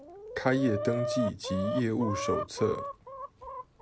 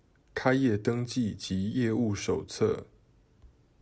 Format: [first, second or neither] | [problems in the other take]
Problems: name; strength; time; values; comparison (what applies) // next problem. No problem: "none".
second | background sound (Chicken, rooster); 4 dB below the speech